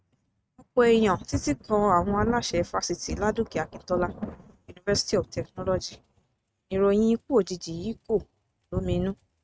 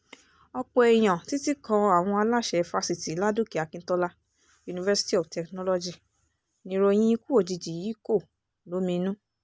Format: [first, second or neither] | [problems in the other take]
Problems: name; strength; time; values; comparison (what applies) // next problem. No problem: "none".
second | noise reduction (neural mask model RNNoise)